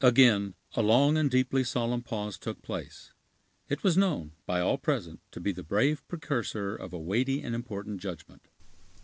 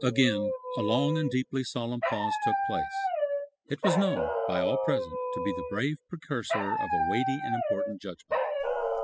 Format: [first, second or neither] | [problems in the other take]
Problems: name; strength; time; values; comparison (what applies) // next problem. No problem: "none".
first | noise reduction (classical method spectral subtraction)